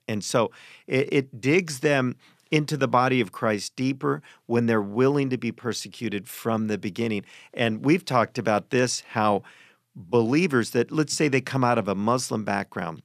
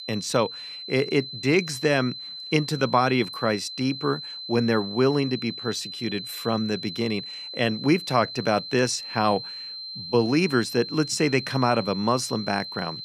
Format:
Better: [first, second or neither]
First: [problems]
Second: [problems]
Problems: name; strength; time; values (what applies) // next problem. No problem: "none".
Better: first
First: none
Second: high-pitched whine; loud; throughout; 4 kHz, 9 dB below the speech